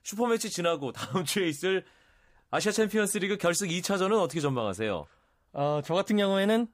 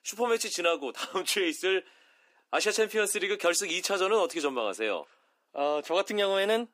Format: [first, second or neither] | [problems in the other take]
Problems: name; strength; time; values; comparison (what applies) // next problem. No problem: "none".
first | thin; somewhat; fading below 300 Hz